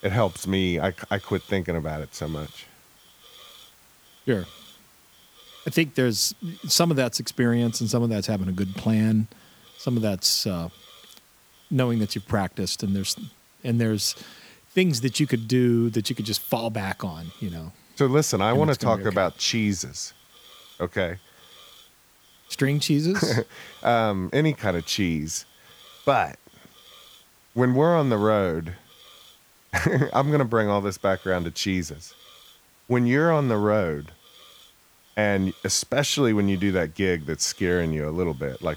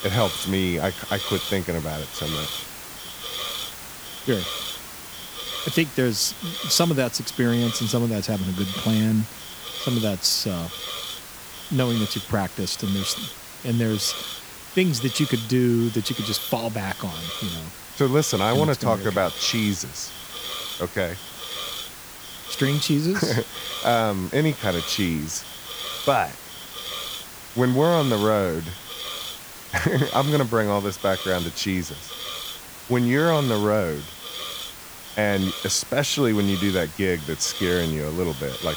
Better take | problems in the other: first | hiss; loud; throughout; 8 dB below the speech; faint in the first

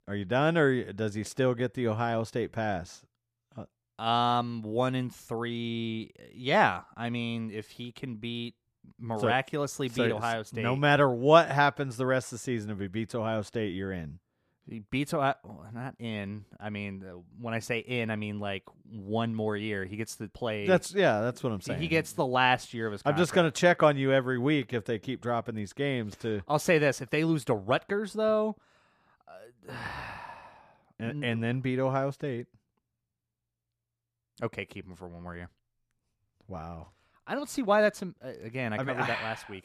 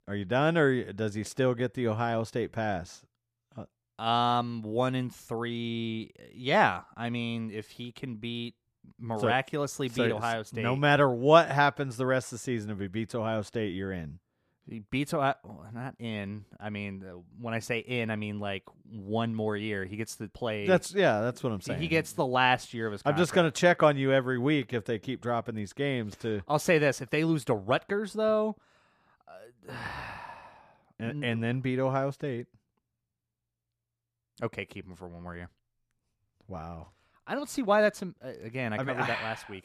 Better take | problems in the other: neither | none

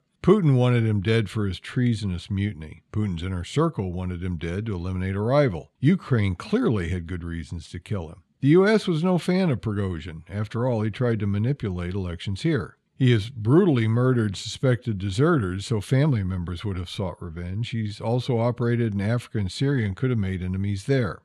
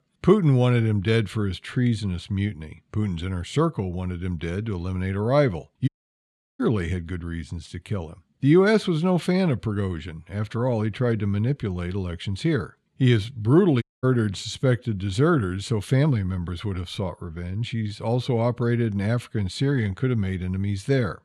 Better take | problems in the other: first | audio cutting out; at 6 s for 0.5 s and at 14 s

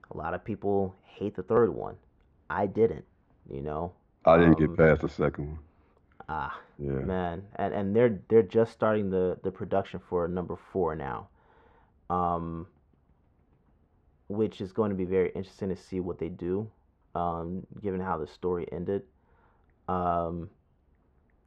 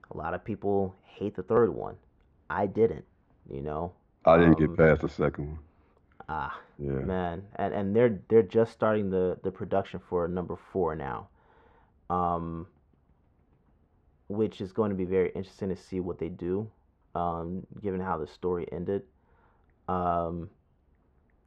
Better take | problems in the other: neither | muffled; very; fading above 1.5 kHz; the same in both

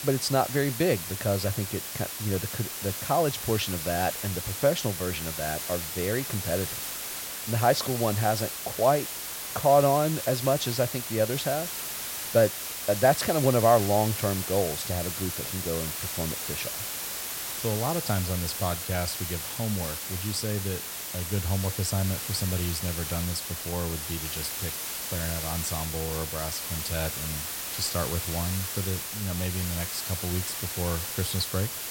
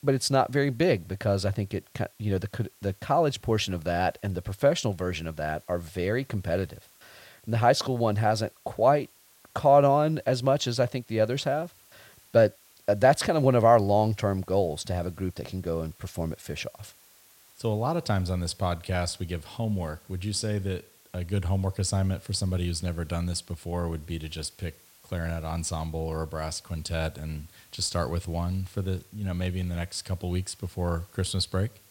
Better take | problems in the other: second | hiss; loud; throughout; 3 dB below the speech; faint in the second

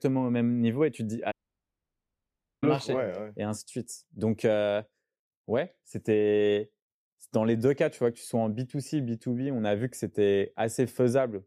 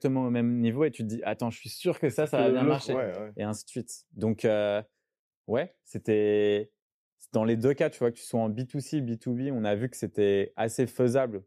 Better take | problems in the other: second | audio cutting out; at 1.5 s for 1.5 s

